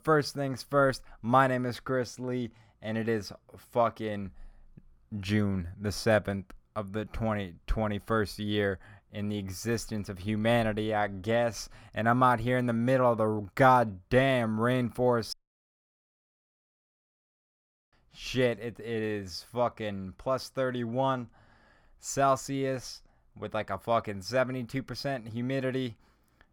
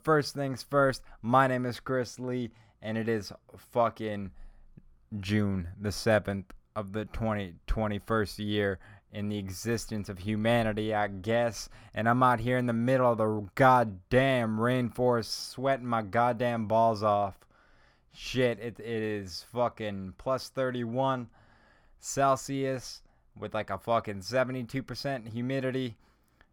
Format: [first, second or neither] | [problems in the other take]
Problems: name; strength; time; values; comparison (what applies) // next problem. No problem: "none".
second | audio cutting out; at 15 s for 2.5 s